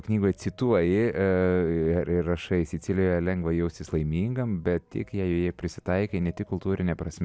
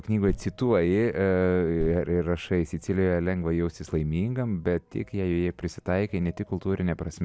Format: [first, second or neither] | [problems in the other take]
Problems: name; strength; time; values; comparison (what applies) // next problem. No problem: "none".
first | background sound (Bass drum); 12 dB below the speech